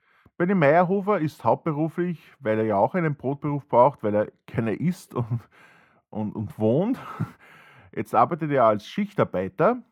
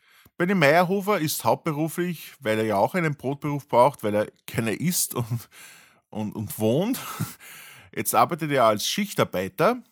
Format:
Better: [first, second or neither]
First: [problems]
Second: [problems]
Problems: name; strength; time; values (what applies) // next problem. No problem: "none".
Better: second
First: muffled; very; fading above 3 kHz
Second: none